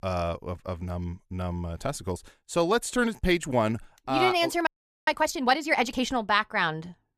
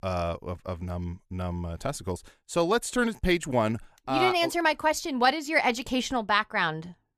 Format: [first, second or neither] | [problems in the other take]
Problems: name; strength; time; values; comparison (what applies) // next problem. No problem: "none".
second | audio freezing; at 4.5 s